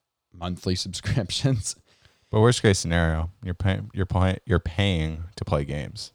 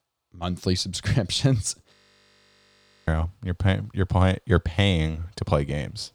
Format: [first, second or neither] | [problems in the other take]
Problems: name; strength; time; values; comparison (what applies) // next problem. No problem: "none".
first | audio freezing; at 2 s for 1 s